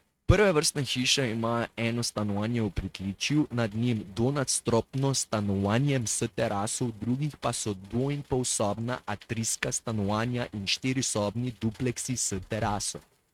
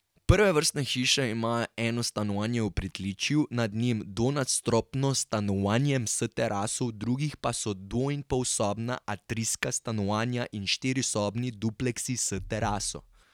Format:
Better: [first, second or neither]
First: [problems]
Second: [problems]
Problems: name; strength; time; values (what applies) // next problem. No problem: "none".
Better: second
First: noise reduction (neural mask model RNNoise)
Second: none